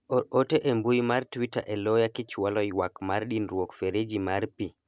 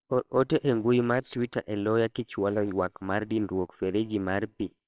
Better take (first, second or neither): first